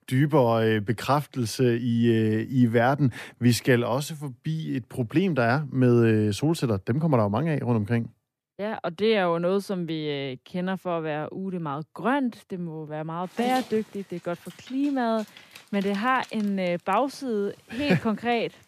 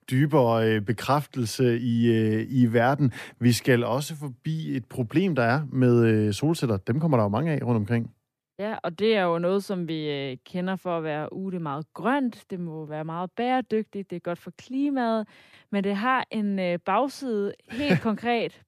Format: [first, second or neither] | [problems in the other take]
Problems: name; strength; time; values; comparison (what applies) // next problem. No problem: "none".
second | dog barking; noticeable; from 13 s on; peak 9 dB below the speech